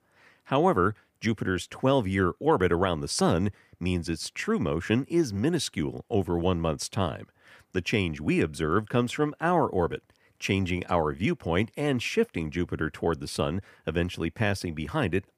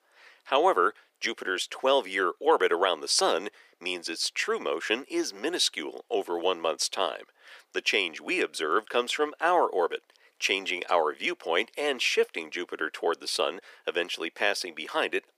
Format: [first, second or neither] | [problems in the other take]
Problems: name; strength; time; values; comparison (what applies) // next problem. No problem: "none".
first | thin; very; fading below 400 Hz